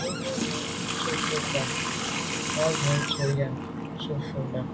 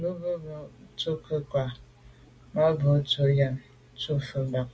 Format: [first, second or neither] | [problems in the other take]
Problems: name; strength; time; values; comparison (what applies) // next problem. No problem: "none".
second | background sound (Water tap, faucet); 1 dB above the speech